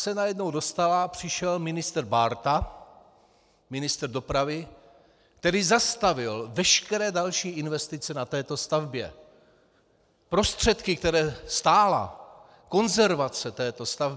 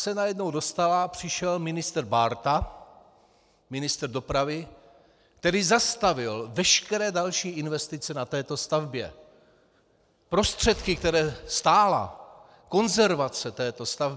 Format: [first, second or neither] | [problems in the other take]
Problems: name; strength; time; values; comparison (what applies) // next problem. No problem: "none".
first | background sound (Gunshot, gunfire); 18 dB below the speech